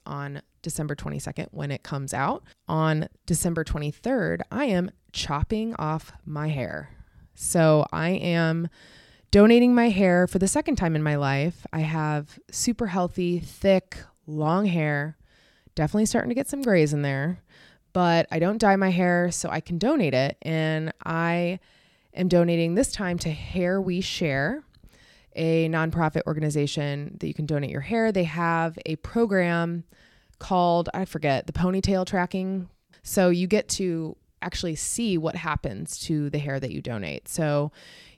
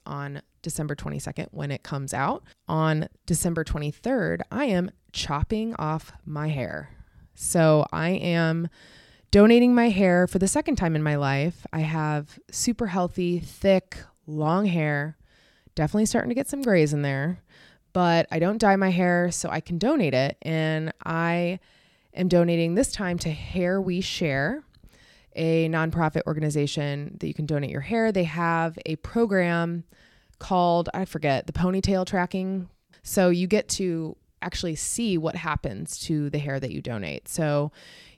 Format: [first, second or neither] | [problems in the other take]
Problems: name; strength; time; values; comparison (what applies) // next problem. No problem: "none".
neither | none